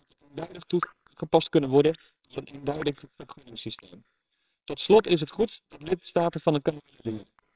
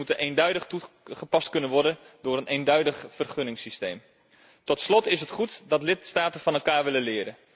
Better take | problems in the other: second | noise reduction (neural separator model SepFormer WHAMR!)

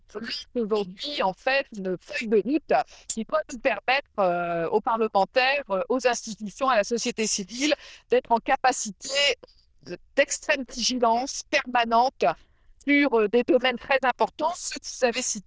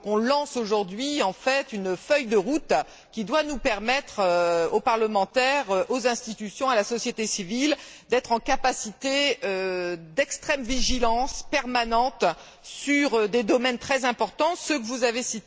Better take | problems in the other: second | noise reduction (neural diffusion model UNIVERSE++)

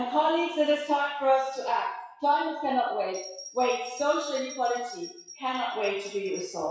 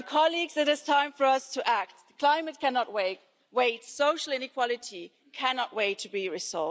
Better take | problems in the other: second | noise reduction (classical method WPE with log-MMSE)

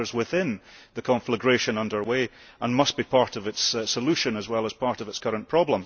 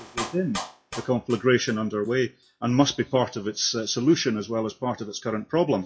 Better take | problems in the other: first | noise reduction (classical method WPE with log-MMSE)

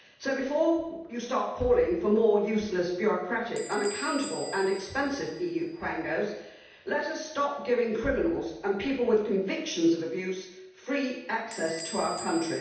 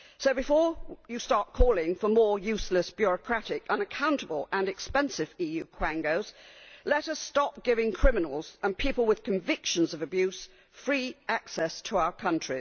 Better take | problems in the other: second | background sound (Squeak / Bell); 18 dB below the speech // room echo; dies away in 0.8 s

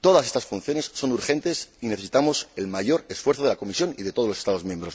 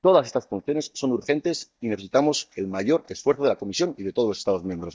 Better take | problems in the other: first | noise reduction (neural mask model DeepFilterNet 3)

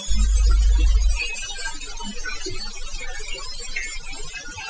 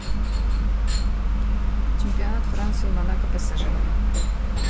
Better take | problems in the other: second | noise reduction (classical method Wiener filter)

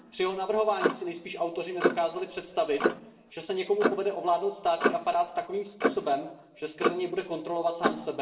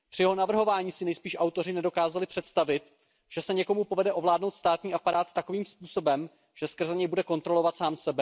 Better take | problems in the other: second | background sound (Clock); 3 dB below the speech // room echo; dies away in 0.8 s

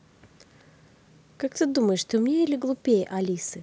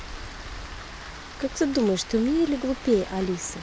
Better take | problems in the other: first | background sound (Rain); 12 dB below the speech

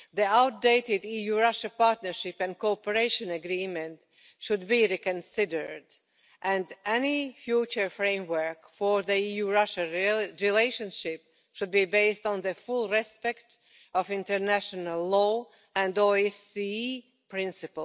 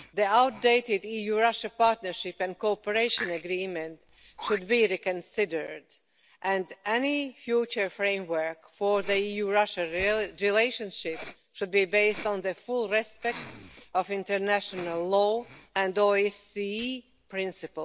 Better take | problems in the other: first | background sound (Respiratory sounds); 19 dB below the speech

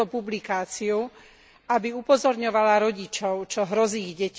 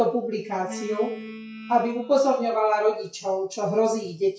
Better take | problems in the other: first | noise reduction (classical method WPE with log-MMSE)

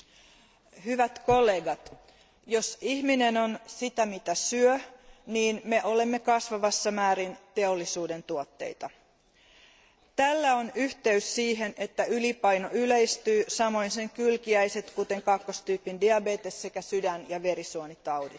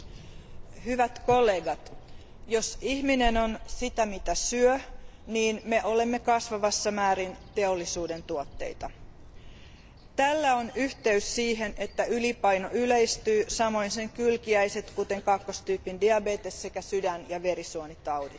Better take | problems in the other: first | background sound (Bird vocalization, bird call, bird song); 14 dB below the speech

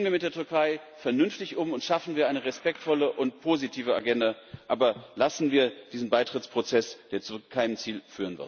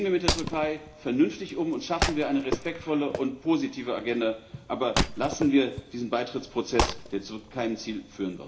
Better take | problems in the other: first | background sound (Wood); 6 dB below the speech // room echo; dies away in 0.4 s

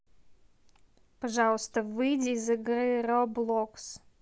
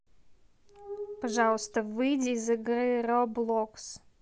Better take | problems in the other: first | background sound (Glass); 13 dB below the speech

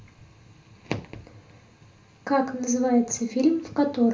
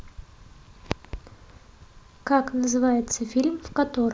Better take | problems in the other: second | room echo; dies away in 0.3 s

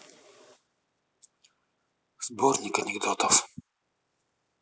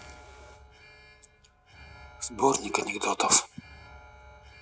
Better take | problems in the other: first | background sound (Alarm); 20 dB below the speech

